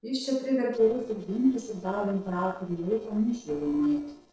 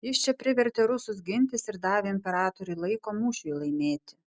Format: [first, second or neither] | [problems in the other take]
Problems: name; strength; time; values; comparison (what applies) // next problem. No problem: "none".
second | noise reduction (neural separator model SepFormer DNS4)